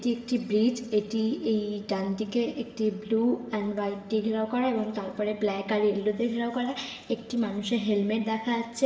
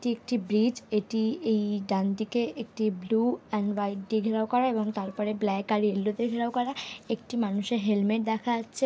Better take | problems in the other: second | room echo; dies away in 1.1 s

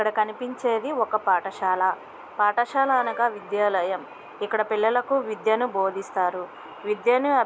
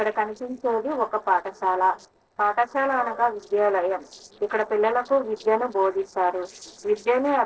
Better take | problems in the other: first | noise reduction (neural separator model SepFormer DNS4)

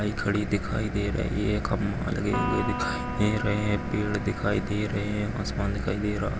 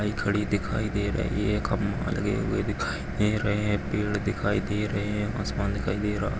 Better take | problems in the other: second | background sound (Electric guitar); 12 dB below the speech

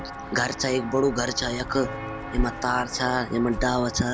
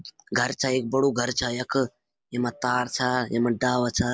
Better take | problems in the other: second | background sound (Walk, footsteps); 7 dB below the speech

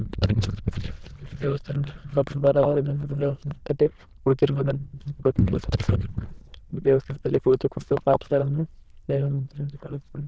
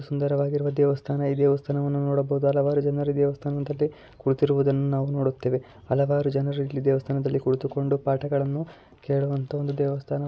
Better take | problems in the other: second | noise reduction (neural diffusion model UNIVERSE++)

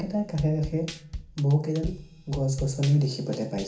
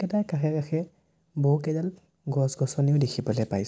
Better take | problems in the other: second | background sound (Drum kit); 13 dB below the speech // room echo; dies away in 0.4 s

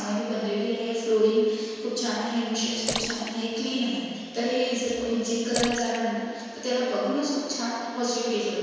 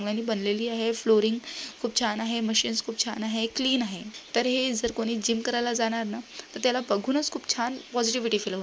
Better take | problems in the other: second | background sound (Splash, splatter); 10 dB below the speech // room echo; dies away in 1.9 s

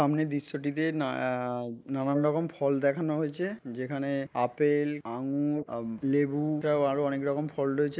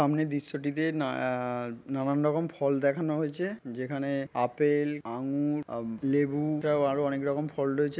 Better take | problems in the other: second | noise reduction (neural mask model Resemble Enhance denoiser)

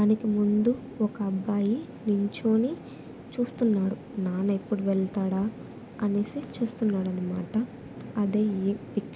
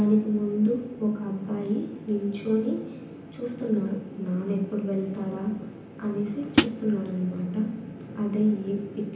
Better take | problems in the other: first | background sound (Hi-hat); 5 dB above the speech // room echo; dies away in 0.9 s

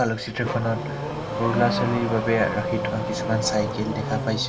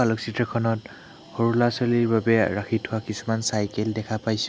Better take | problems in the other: second | background sound (Accelerating, revving, vroom / Car); 2 dB below the speech // room echo; dies away in 0.2 s

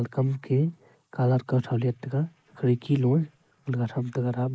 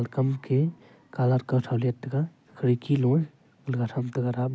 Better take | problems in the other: second | noise reduction (neural mask model Resemble Enhance denoiser)

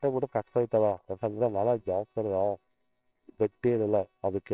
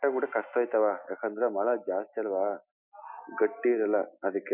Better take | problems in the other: second | noise reduction (neural separator model SepFormer WHAMR!)

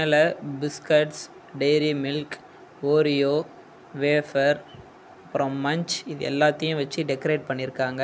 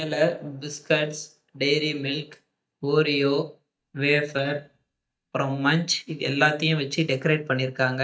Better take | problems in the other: first | noise reduction (neural mask model DeepFilterNet 3)

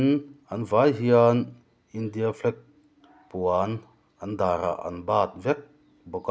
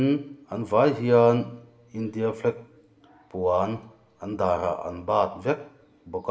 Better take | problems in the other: first | room echo; dies away in 0.7 s

